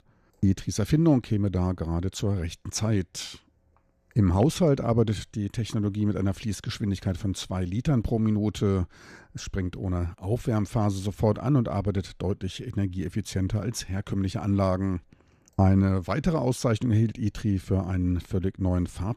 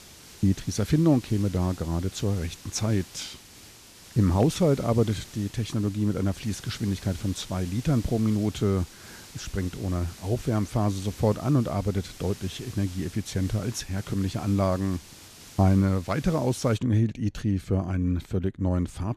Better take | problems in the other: first | hiss; noticeable; until 17 s; 20 dB below the speech

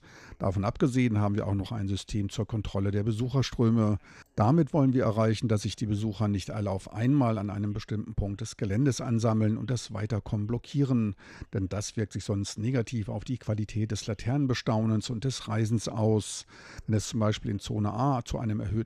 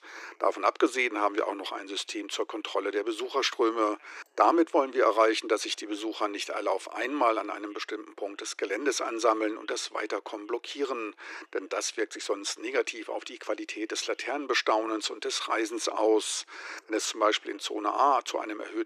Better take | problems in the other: first | thin; very; fading below 300 Hz

